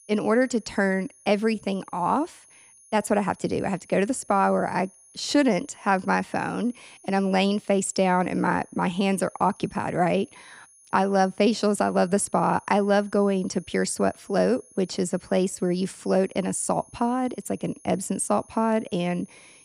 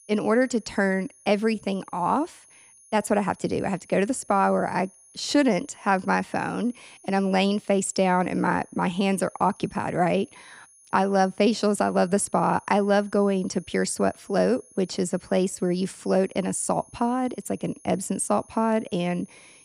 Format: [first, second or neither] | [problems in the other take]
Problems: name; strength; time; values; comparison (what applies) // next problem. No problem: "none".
neither | high-pitched whine; faint; throughout; 10.5 kHz, 25 dB below the speech; the same in both